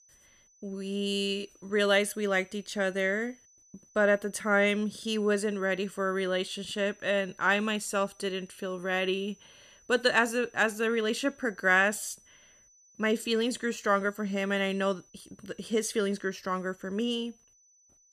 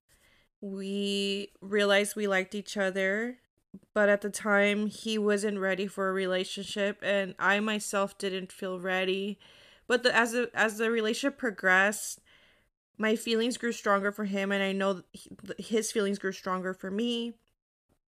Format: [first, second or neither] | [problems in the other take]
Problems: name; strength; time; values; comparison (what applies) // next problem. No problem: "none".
second | high-pitched whine; faint; throughout; 6 kHz, 30 dB below the speech